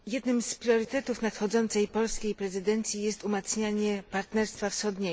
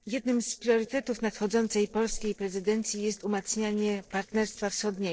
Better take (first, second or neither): first